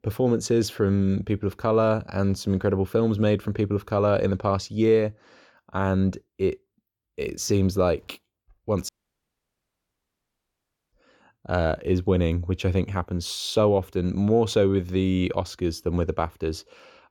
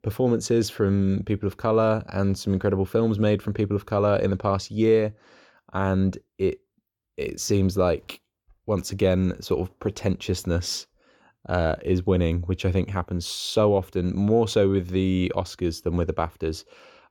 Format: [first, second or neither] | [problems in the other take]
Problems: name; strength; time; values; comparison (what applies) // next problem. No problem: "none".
second | audio cutting out; at 9 s for 2 s